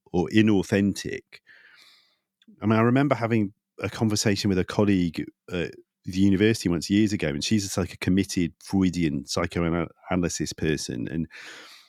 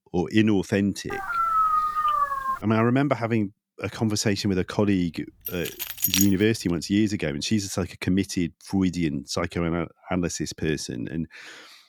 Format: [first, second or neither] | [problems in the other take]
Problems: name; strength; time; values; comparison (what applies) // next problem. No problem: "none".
first | dog barking; loud; from 1 to 2.5 s; peak 4 dB above the speech // jangling keys; loud; at 5.5 s; peak 3 dB above the speech